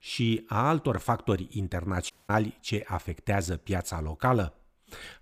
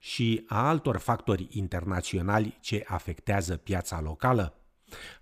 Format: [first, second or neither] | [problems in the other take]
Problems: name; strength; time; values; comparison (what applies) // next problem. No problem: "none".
second | audio cutting out; at 2 s